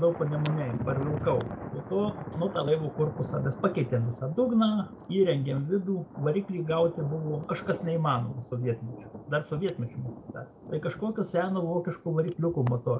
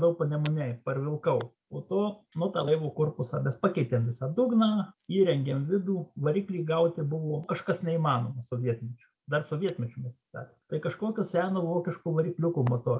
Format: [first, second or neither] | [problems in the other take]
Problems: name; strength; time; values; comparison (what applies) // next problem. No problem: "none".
second | background sound (Thunder); 12 dB below the speech